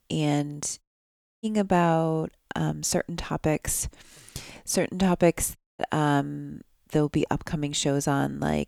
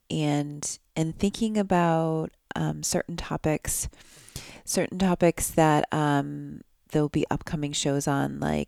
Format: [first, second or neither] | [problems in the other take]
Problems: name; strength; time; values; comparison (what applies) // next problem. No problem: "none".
second | audio cutting out; at 1 s for 0.5 s and at 5.5 s